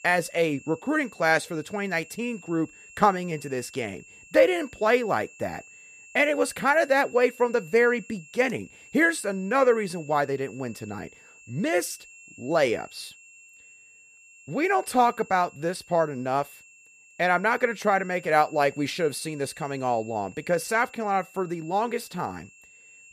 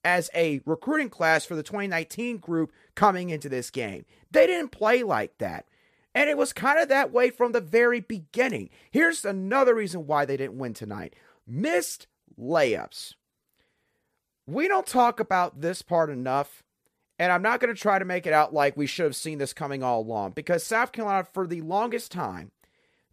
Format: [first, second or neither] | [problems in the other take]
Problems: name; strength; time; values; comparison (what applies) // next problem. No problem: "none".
second | high-pitched whine; faint; throughout; 2.5 kHz, 25 dB below the speech